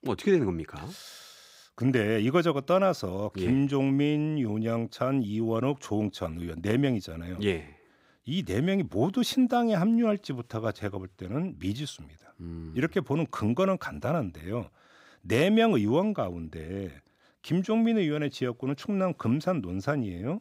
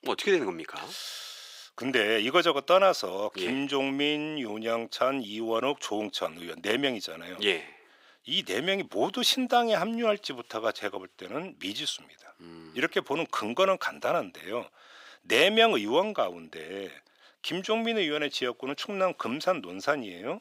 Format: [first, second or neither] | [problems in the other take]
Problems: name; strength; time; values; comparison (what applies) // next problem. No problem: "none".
first | thin; somewhat; fading below 500 Hz